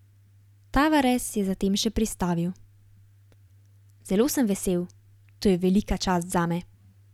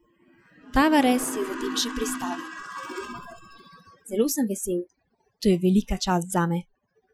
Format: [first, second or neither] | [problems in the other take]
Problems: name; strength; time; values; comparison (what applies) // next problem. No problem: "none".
first | noise reduction (classical method Wiener filter)